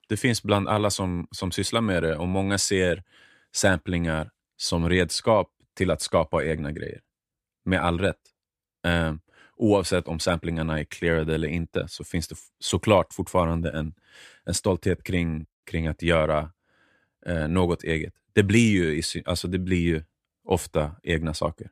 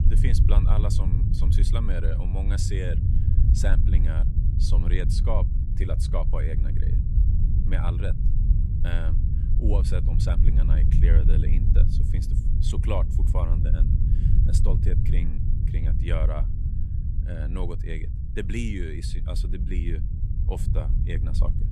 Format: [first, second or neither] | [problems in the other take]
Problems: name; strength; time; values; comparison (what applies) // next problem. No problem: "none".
first | low rumble; loud; throughout; 3 dB below the speech